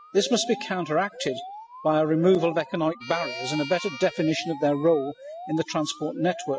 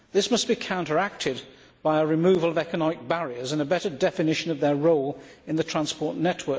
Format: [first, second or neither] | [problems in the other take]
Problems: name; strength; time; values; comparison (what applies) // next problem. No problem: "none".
second | noise reduction (classical method spectral subtraction)